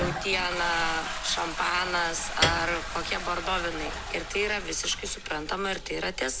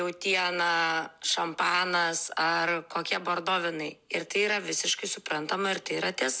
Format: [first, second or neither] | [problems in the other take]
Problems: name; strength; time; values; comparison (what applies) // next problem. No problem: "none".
second | background sound (Piano + Toilet flush); 4 dB below the speech